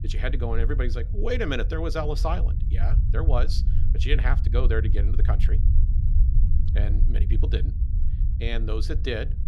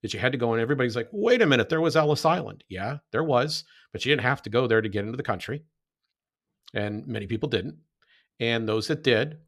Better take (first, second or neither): second